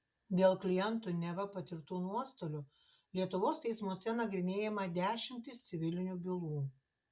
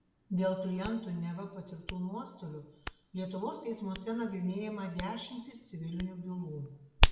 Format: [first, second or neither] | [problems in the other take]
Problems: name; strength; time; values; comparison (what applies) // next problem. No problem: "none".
first | background sound (Hands); 1 dB above the speech // room echo; dies away in 0.7 s